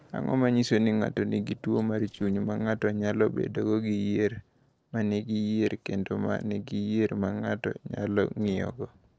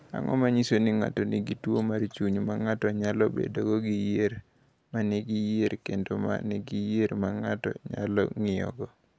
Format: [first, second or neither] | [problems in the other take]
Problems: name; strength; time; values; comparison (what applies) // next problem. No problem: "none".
second | noise reduction (neural separator model SepFormer DNS4)